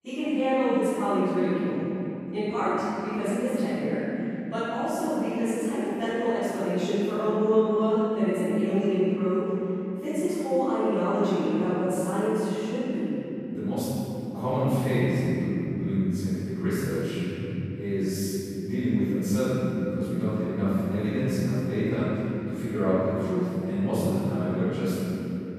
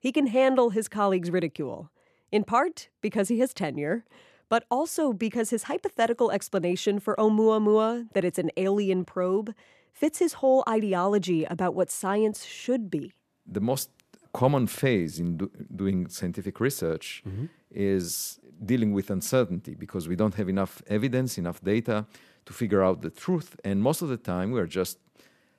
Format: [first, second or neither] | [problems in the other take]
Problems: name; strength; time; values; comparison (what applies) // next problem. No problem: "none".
second | off-mic speech; far // room echo; strong; dies away in 3 s